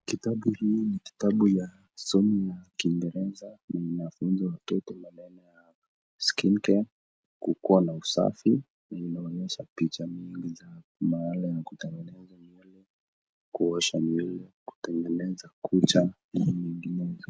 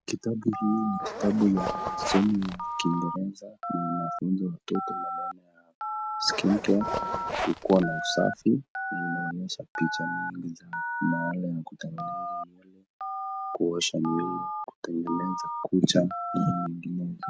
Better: first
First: none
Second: background sound (Zipper (clothing) + Telephone); 5 dB below the speech

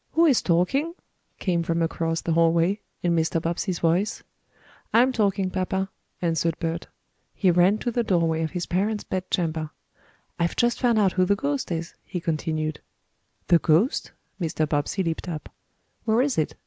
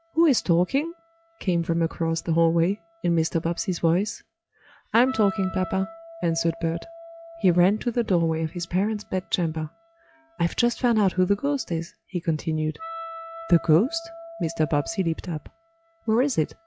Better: first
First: none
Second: noise reduction (classical method log-MMSE)

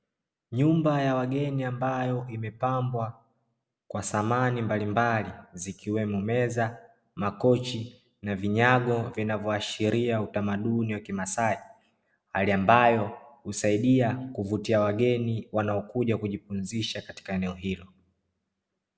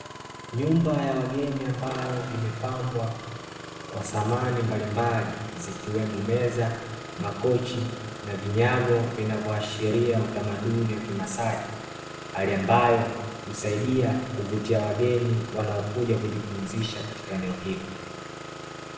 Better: first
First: none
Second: background sound (Engine starting); 11 dB below the speech // room echo; dies away in 1 s

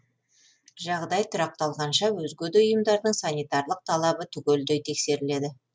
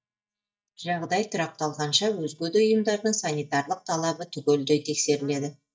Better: first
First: none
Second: noise reduction (neural mask model DeepFilterNet 3)

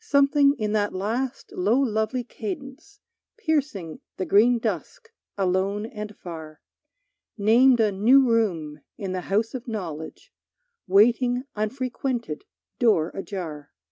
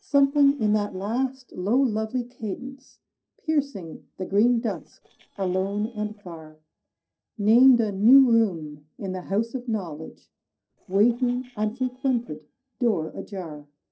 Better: first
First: none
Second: noise reduction (neural separator model SepFormer DNS4)

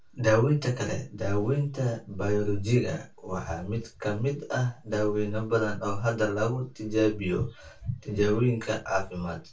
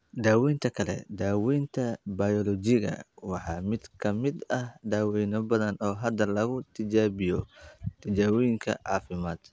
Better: second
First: room echo; dies away in 0.2 s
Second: none

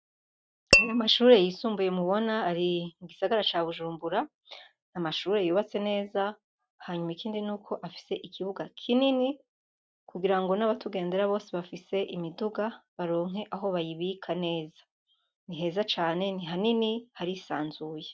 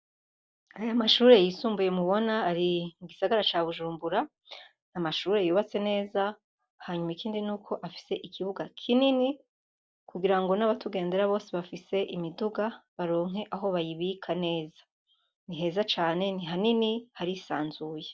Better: second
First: noise reduction (neural mask model RNNoise)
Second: none

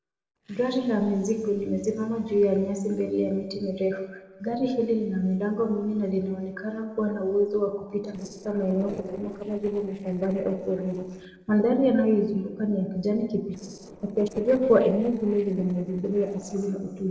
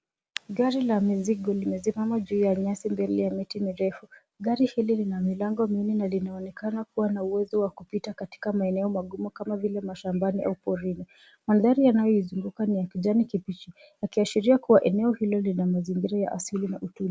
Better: second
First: noise reduction (neural separator model SepFormer DNS4)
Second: none

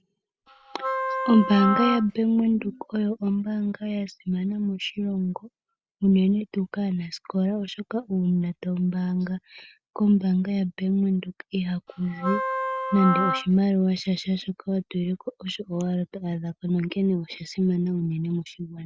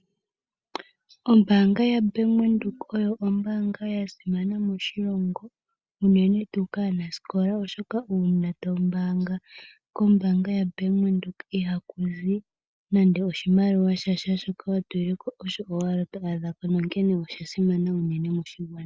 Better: second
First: background sound (Wind instrument, woodwind instrument); 3 dB below the speech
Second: none

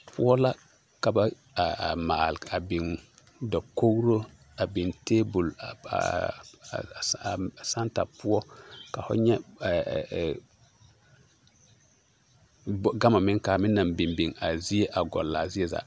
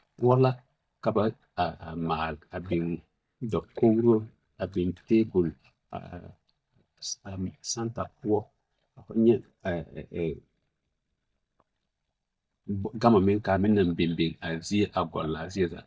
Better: first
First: none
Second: noise reduction (neural mask model DeepFilterNet 3)

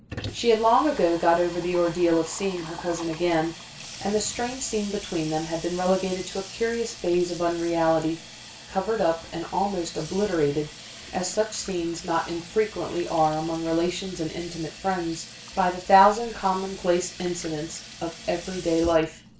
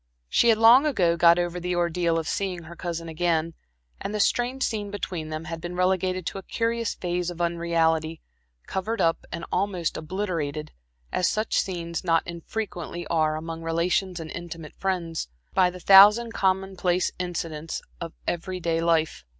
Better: second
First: background sound (Sink (filling or washing) / Water tap, faucet); 15 dB below the speech // room echo; dies away in 0.3 s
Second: none

